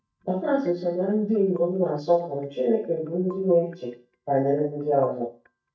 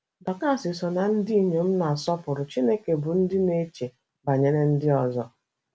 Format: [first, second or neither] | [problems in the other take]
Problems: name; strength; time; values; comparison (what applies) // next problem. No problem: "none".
second | noise reduction (neural mask model DeepFilterNet 3)